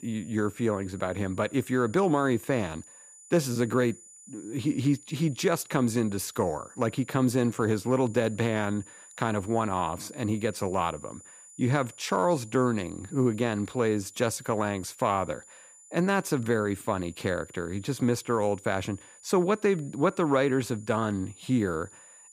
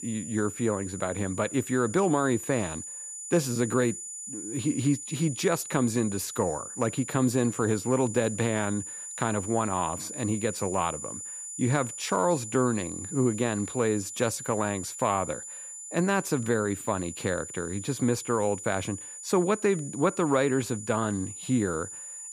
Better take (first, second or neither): first